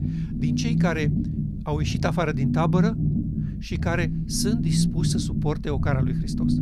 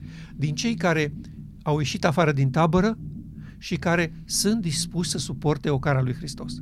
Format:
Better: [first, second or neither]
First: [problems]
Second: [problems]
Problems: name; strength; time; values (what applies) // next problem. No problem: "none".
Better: second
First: low rumble; loud; throughout; 4 dB below the speech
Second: low rumble; faint; throughout; 20 dB below the speech